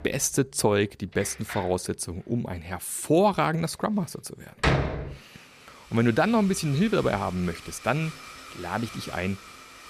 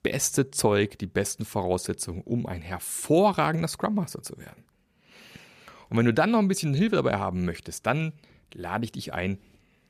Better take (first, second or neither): second